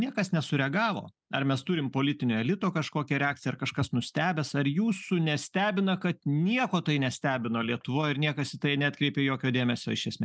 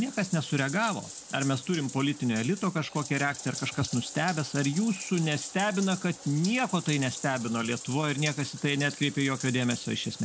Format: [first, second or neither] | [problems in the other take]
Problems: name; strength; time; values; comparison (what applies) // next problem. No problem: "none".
first | background sound (Bathtub (filling or washing)); 12 dB below the speech